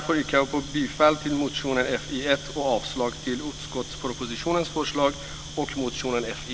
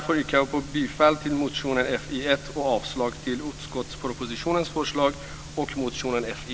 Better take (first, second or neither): second